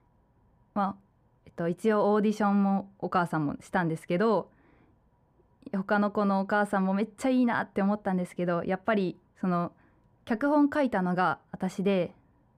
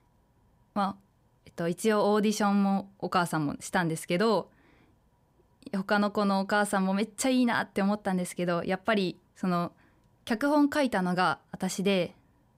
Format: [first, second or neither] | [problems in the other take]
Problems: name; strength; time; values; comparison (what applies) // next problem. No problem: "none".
second | muffled; slightly; fading above 2.5 kHz